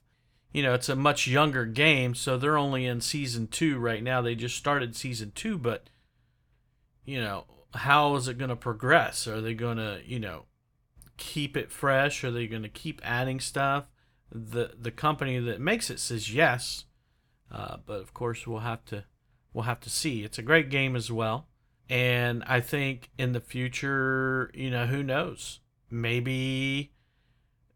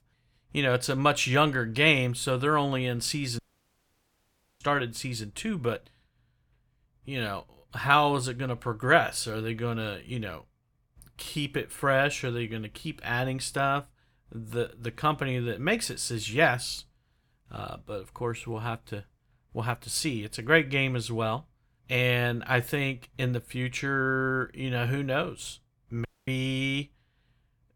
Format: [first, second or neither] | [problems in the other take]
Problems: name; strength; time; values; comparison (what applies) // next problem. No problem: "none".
first | audio cutting out; at 3.5 s for 1 s and at 26 s